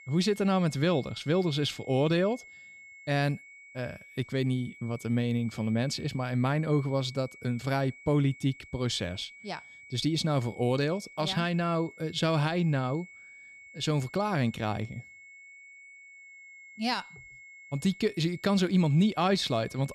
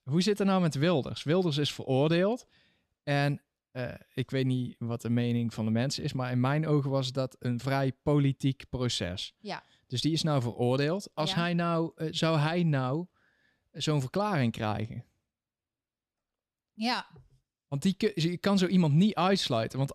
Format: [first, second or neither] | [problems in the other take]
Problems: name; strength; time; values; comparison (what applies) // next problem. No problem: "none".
second | high-pitched whine; noticeable; throughout; 2 kHz, 20 dB below the speech